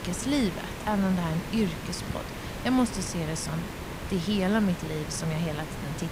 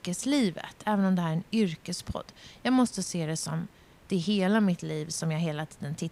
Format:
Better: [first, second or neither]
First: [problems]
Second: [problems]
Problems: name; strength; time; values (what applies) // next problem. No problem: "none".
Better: second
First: hiss; loud; throughout; 7 dB below the speech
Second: hiss; faint; throughout; 30 dB below the speech